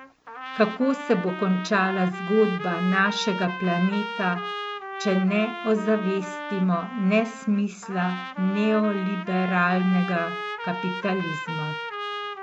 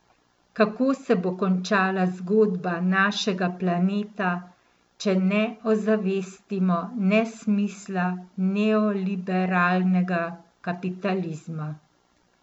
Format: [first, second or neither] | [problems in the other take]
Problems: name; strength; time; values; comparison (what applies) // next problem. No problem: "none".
second | background sound (Trumpet); 9 dB below the speech